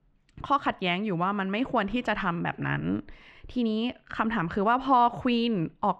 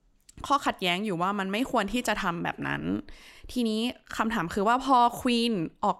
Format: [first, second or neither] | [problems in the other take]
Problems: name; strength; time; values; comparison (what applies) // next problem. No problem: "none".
second | muffled; slightly; fading above 2.5 kHz